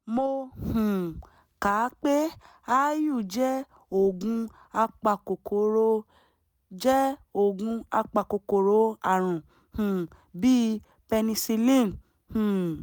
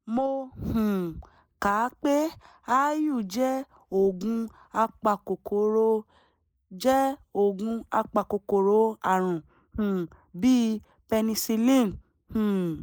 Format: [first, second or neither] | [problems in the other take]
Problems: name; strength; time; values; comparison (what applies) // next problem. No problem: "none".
first | noise reduction (neural mask model Resemble Enhance denoiser)